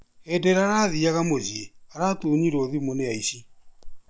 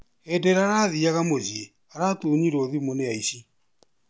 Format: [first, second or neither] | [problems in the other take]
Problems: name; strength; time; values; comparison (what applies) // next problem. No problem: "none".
second | background sound (Cricket / Frog); 15 dB below the speech